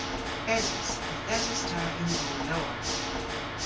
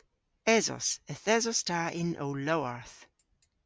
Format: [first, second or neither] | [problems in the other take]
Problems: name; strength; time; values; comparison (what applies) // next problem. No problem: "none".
second | background sound (Water / Mechanisms); 2 dB above the speech // room echo; dies away in 0.2 s